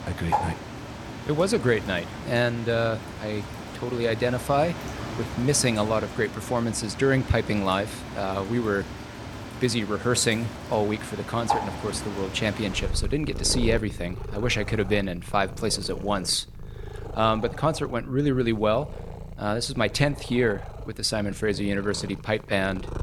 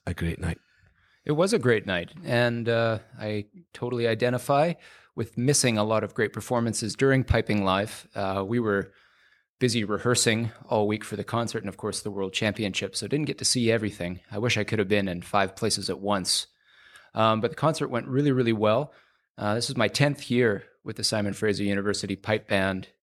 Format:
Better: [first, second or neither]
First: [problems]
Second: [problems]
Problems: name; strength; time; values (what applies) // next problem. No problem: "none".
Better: second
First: animal sounds; loud; throughout; 10 dB below the speech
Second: none